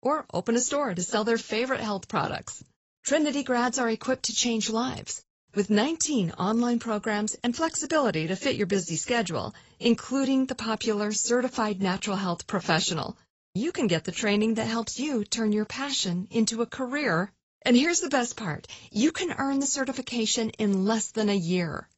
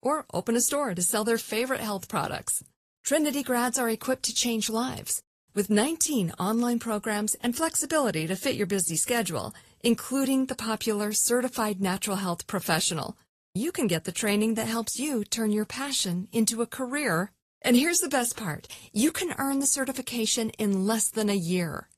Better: second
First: garbled, watery; badly; nothing above 8 kHz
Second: garbled, watery; slightly; nothing above 14 kHz

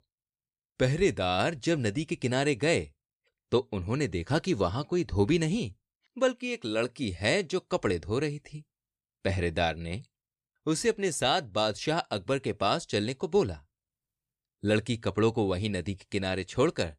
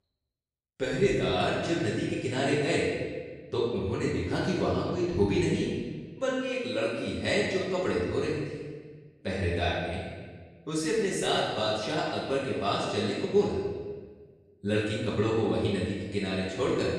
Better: first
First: none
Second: off-mic speech; far // room echo; strong; dies away in 1.3 s

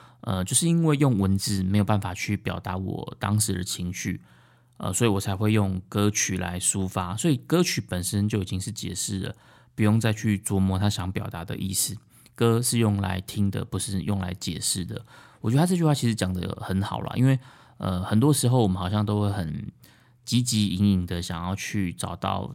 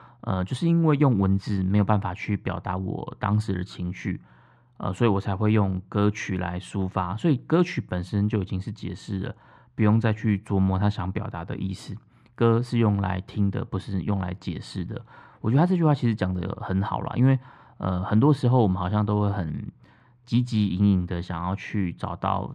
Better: first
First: none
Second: muffled; very; fading above 2 kHz

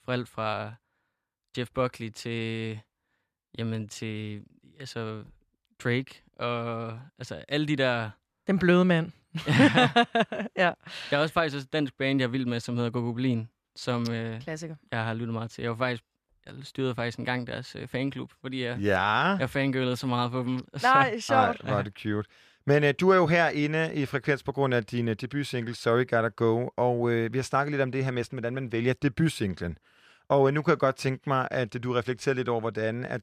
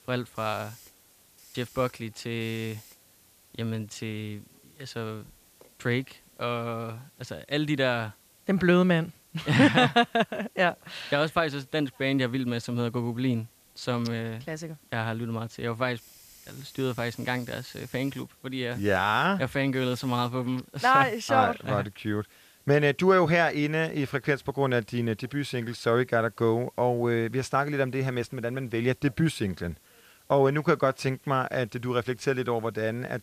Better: first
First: none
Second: hiss; faint; throughout; 25 dB below the speech

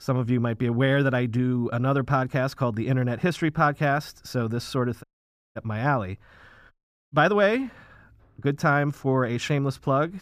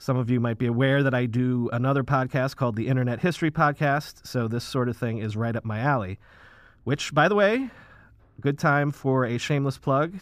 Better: second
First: audio cutting out; at 5 s for 0.5 s and at 6.5 s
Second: none

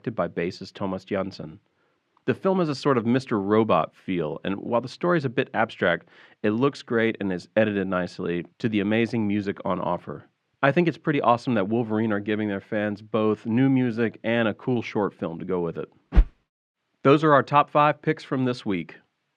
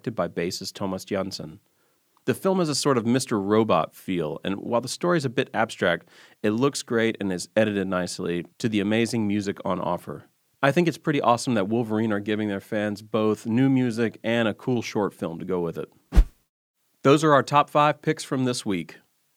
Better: second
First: muffled; slightly; fading above 2.5 kHz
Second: none

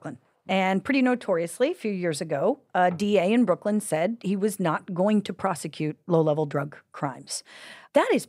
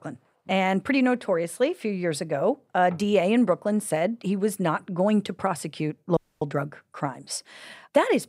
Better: first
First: none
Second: audio cutting out; at 6 s

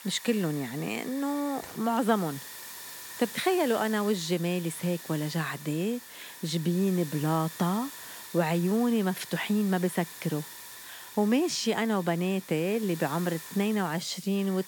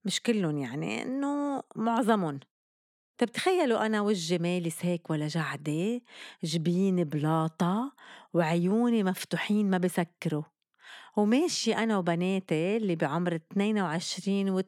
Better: second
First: hiss; noticeable; throughout; 15 dB below the speech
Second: none

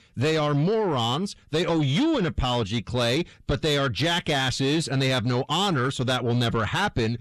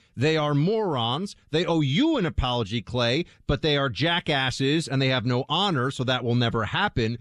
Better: second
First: distortion; slight; 10 dB below the speech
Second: none

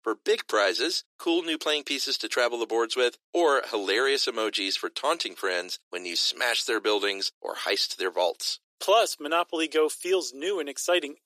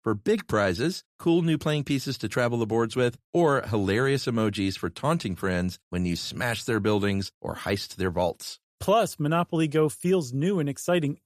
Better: second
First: thin; very; fading below 350 Hz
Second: none

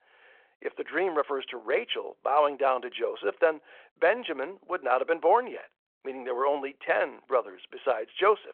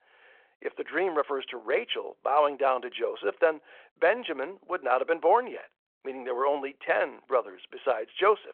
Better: neither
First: phone-call audio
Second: phone-call audio

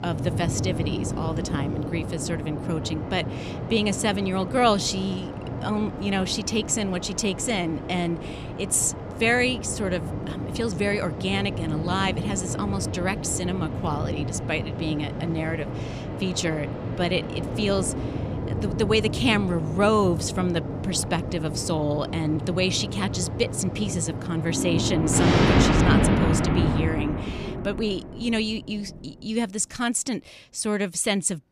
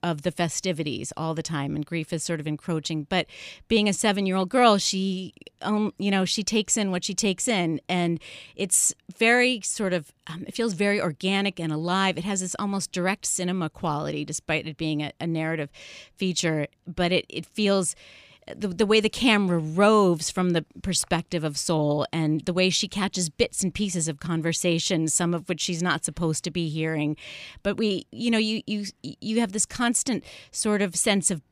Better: second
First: rain or running water; loud; throughout; 2 dB below the speech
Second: none

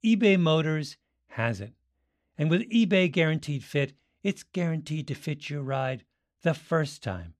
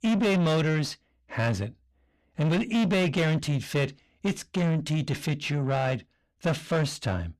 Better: first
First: none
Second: distortion; heavy; 7 dB below the speech

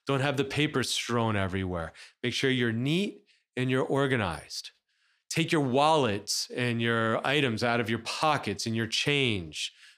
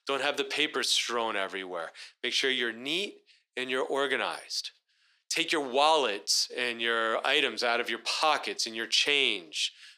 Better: first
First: none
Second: thin; somewhat; fading below 400 Hz

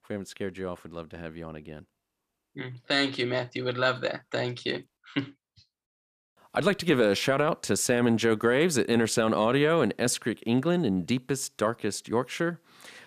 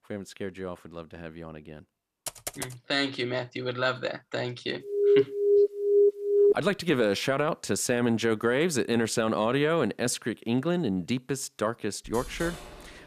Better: first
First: none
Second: keyboard typing; noticeable; at 2.5 s; peak 8 dB below the speech // alarm; loud; from 5 to 6.5 s; peak 6 dB above the speech // door banging; faint; from 12 s on; peak 10 dB below the speech

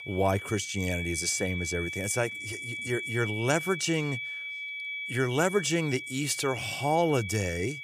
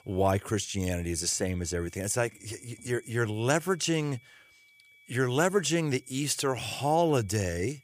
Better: second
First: high-pitched whine; loud; throughout; 2.5 kHz, 6 dB below the speech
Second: high-pitched whine; faint; throughout; 2.5 kHz, 30 dB below the speech

